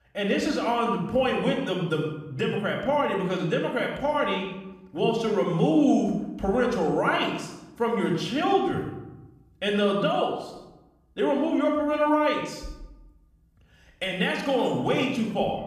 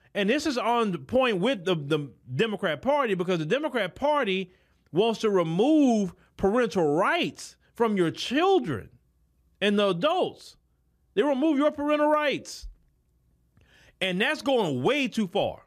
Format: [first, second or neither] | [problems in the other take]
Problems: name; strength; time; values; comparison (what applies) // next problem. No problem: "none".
second | off-mic speech; somewhat distant // room echo; noticeable; dies away in 0.8 s